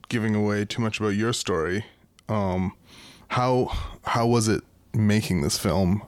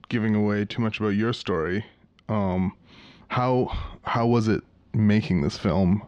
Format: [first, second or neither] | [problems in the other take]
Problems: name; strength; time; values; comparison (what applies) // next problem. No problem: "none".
first | muffled; slightly; fading above 4 kHz